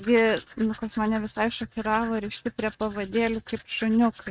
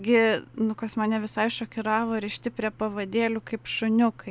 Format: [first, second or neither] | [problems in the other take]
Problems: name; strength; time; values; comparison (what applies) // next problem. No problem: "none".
second | noise reduction (neural mask model RNNoise)